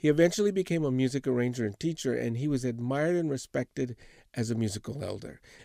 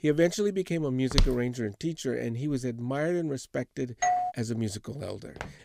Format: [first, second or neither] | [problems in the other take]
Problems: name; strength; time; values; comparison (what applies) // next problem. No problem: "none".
first | footsteps; loud; at 1 s; peak 2 dB above the speech // doorbell; loud; at 4 s; peak 3 dB above the speech // footsteps; very faint; at 5.5 s; peak 15 dB below the speech